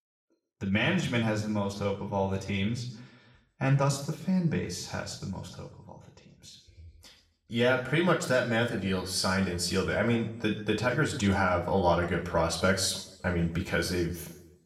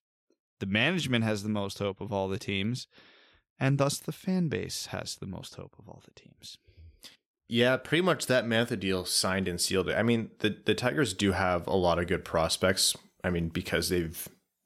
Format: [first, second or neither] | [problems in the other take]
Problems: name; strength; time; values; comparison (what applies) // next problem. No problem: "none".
second | room echo; slight; dies away in 0.7 s // off-mic speech; somewhat distant